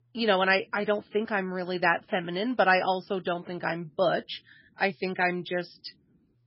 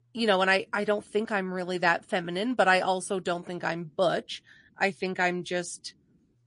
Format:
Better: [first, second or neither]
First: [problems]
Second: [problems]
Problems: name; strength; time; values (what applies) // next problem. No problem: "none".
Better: second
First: garbled, watery; badly; nothing above 5 kHz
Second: garbled, watery; slightly; nothing above 10.5 kHz